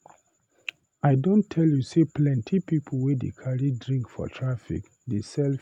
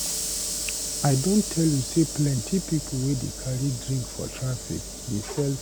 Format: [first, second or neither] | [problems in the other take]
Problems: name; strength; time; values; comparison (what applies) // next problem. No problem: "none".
first | background sound (Sliding door / Hiss); 6 dB below the speech